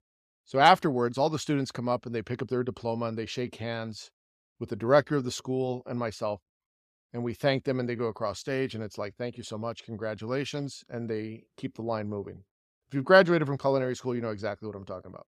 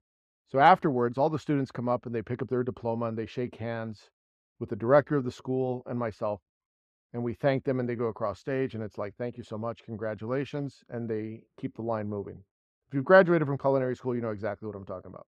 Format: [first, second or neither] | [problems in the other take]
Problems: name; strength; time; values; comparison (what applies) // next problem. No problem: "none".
first | muffled; slightly; fading above 3 kHz